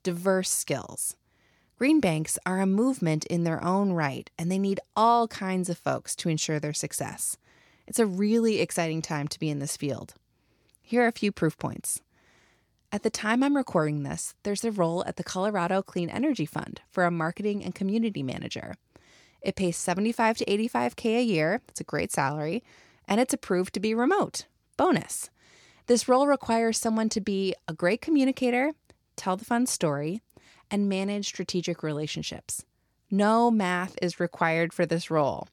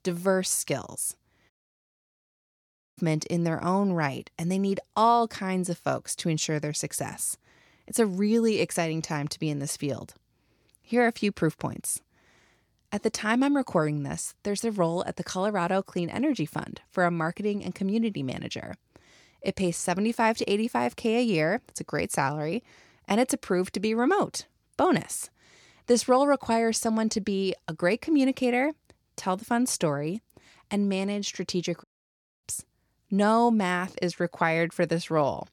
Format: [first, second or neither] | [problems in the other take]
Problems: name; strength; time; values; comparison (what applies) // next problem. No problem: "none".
first | audio cutting out; at 1.5 s for 1.5 s and at 32 s for 0.5 s